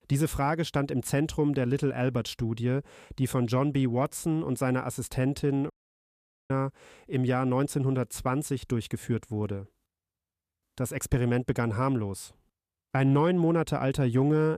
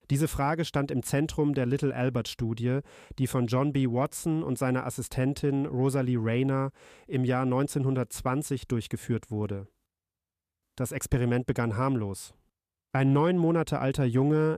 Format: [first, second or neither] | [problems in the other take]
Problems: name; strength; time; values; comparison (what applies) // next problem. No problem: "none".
second | audio cutting out; at 5.5 s for 1 s